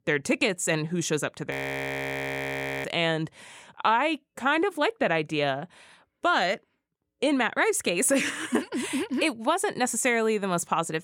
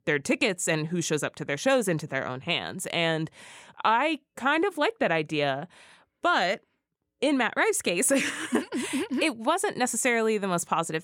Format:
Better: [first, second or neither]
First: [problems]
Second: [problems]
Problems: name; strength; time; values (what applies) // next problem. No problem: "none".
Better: second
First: audio freezing; at 1.5 s for 1.5 s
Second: none